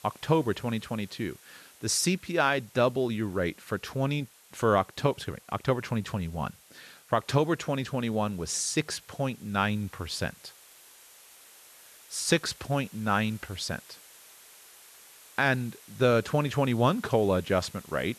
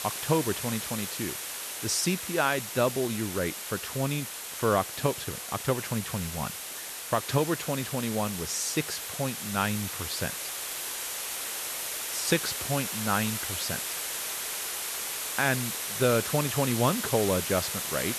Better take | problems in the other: first | hiss; loud; throughout; 3 dB below the speech; faint in the first

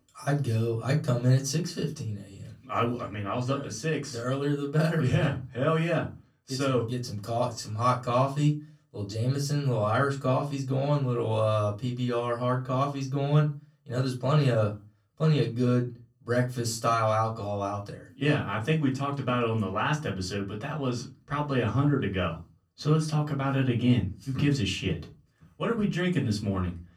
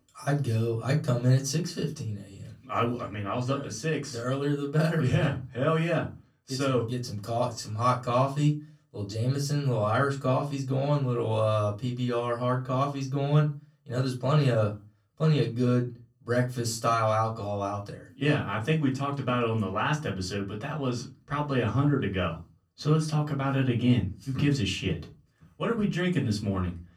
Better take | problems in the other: neither | off-mic speech; far; the same in both // room echo; very slight; dies away in 0.3 s; the same in both

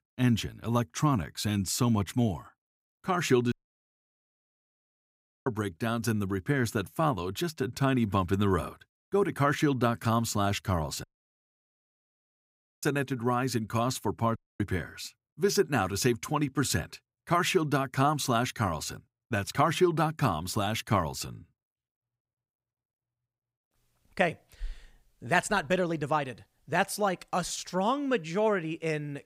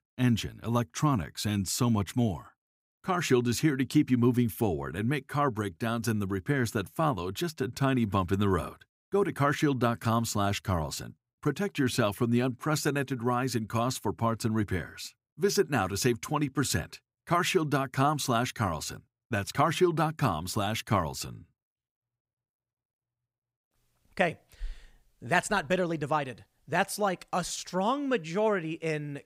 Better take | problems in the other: second | audio cutting out; at 3.5 s for 2 s, at 11 s for 2 s and at 14 s

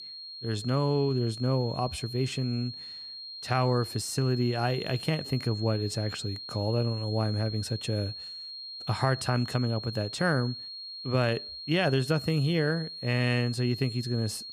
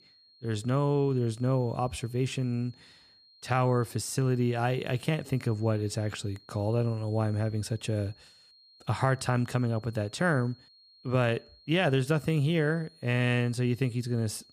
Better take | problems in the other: second | high-pitched whine; loud; throughout; 4.5 kHz, 9 dB below the speech; faint in the second

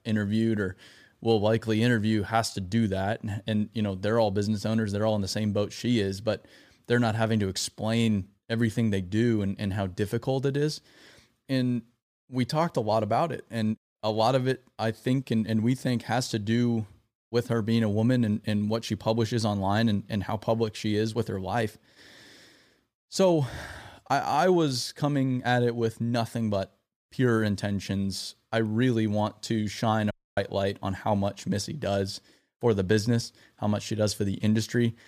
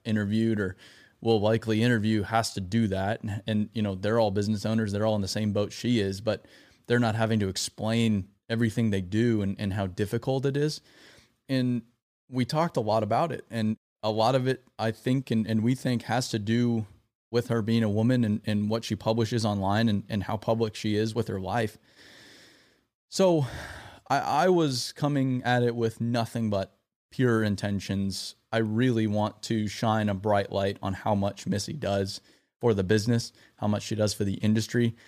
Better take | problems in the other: second | audio cutting out; at 30 s

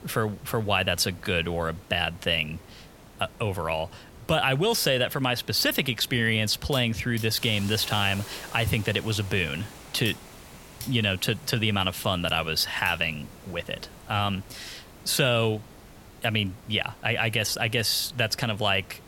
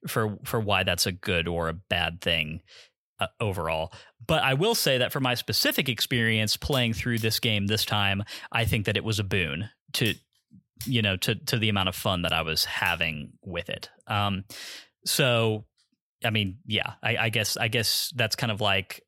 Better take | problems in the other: second | hiss; faint; throughout; 20 dB below the speech

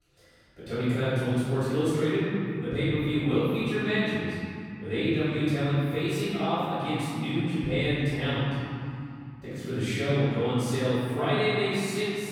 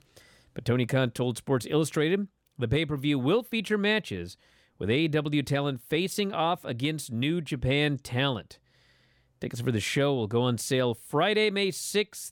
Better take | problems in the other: second | off-mic speech; far // room echo; strong; dies away in 2.8 s

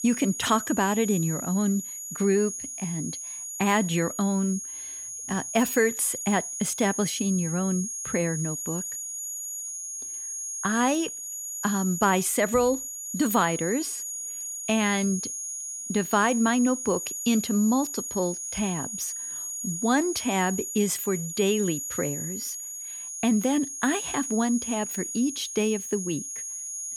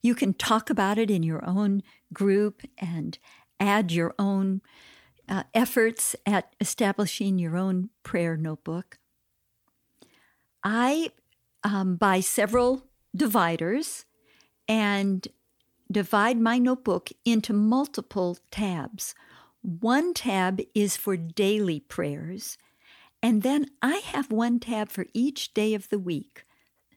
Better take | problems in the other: second | high-pitched whine; loud; throughout; 7 kHz, 6 dB below the speech

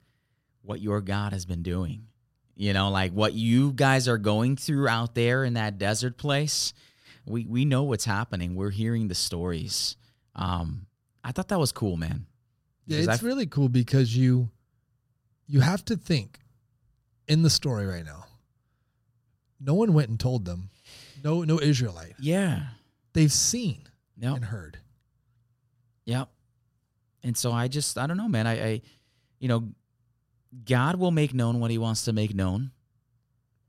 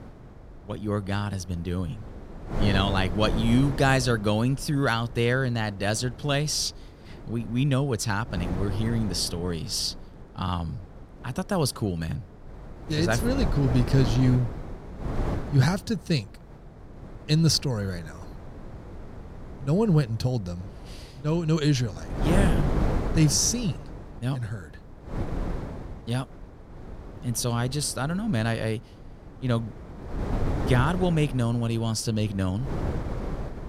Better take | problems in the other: first | wind noise on the microphone; heavy; 10 dB below the speech

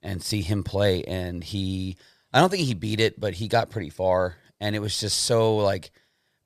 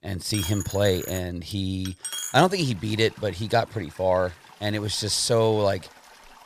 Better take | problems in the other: first | household noises; noticeable; throughout; 10 dB below the speech

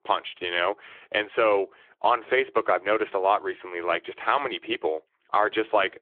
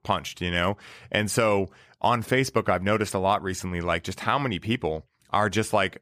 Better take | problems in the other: second | phone-call audio

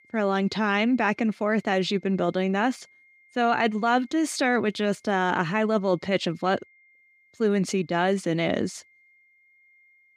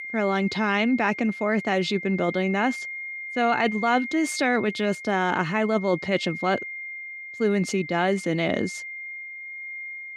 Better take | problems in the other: first | high-pitched whine; loud; throughout; 2 kHz, 9 dB below the speech; faint in the first

